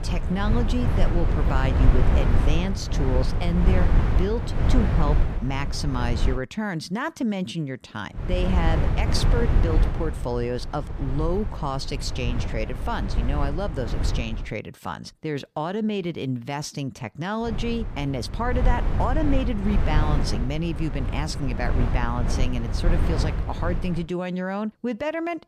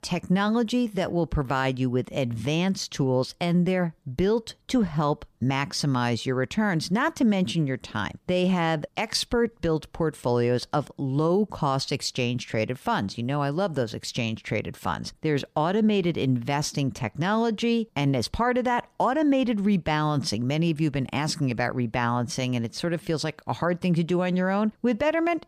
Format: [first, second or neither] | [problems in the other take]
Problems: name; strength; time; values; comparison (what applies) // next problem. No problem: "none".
second | wind noise on the microphone; heavy; until 6.5 s, from 8 to 14 s and from 18 to 24 s; 5 dB below the speech